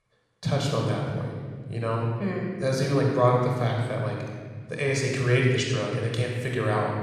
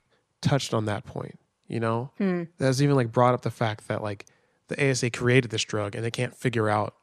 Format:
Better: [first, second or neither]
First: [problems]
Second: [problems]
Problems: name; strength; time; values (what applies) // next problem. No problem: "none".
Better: second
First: off-mic speech; somewhat distant // room echo; noticeable; dies away in 1.8 s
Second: none